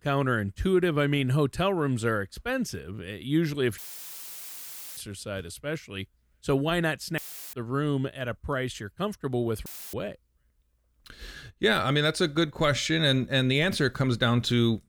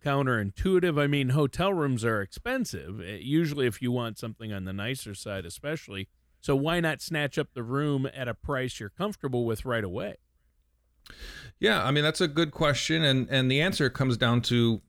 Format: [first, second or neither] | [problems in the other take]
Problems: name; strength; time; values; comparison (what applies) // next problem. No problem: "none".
second | audio cutting out; filled with static; at 4 s for 1 s, at 7 s and at 9.5 s